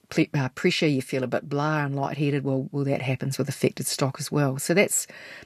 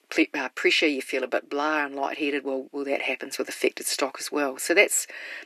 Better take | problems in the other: first | thin; somewhat; fading below 300 Hz

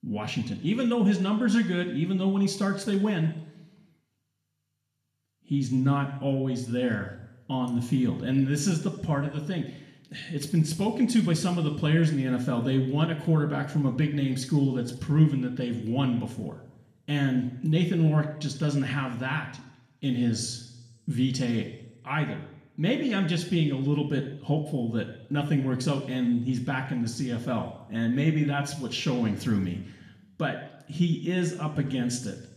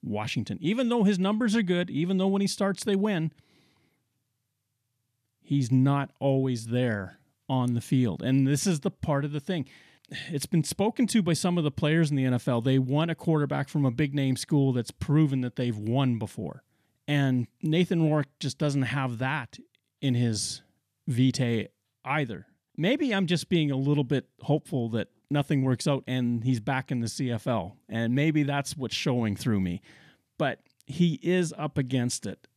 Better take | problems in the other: second | room echo; slight; dies away in 0.8 s // off-mic speech; somewhat distant

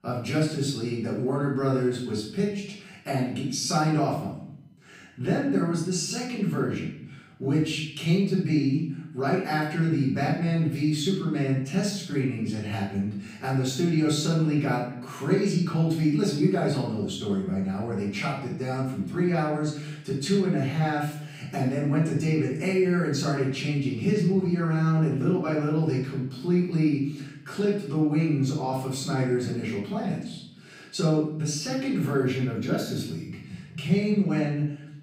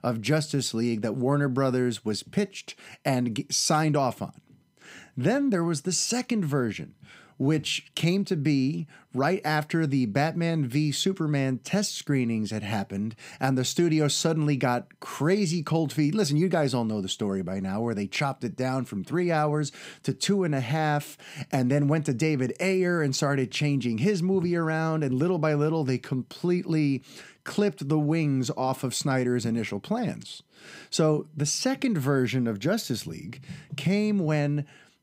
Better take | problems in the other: second | room echo; noticeable; dies away in 0.7 s // off-mic speech; far

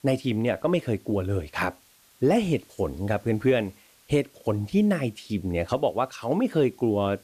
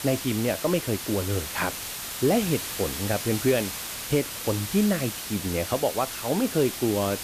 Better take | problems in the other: first | hiss; loud; throughout; 5 dB below the speech; faint in the first

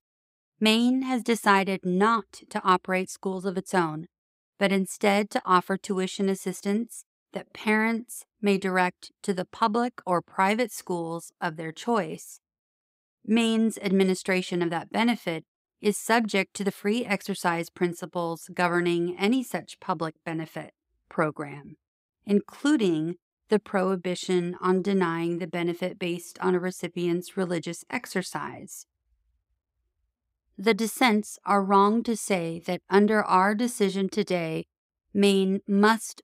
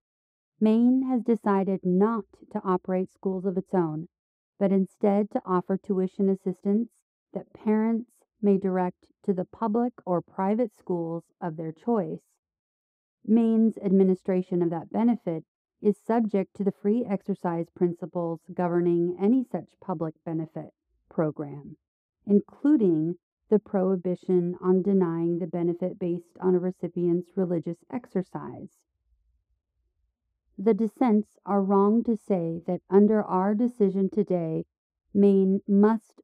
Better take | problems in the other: first | muffled; very; fading above 1.5 kHz

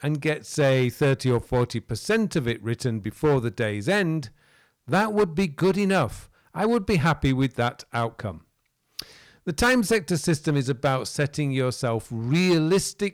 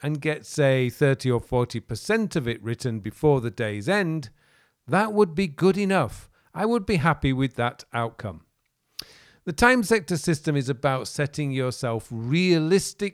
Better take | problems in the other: second | distortion; slight; 5% of the sound clipped

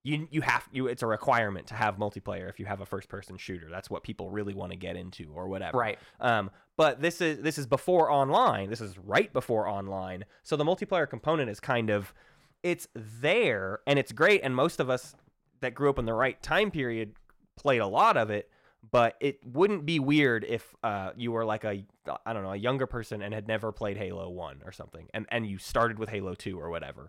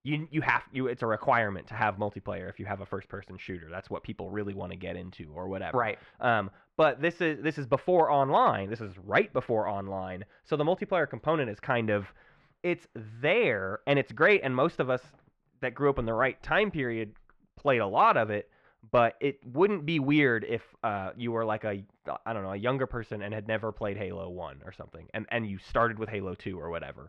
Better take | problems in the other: first | muffled; slightly; fading above 2.5 kHz

